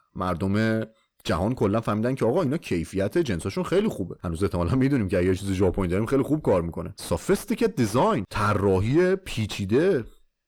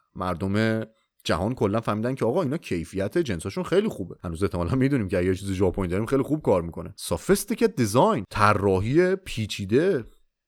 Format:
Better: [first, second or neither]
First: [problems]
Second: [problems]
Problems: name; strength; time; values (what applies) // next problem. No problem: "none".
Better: second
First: distortion; slight; 10 dB below the speech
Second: none